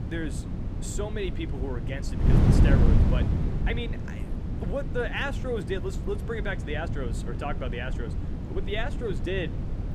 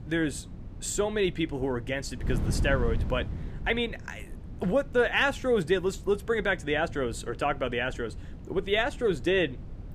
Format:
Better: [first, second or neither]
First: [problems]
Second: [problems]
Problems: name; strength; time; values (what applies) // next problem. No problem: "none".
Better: second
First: wind noise on the microphone; heavy; 4 dB below the speech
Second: wind noise on the microphone; occasional gusts; 20 dB below the speech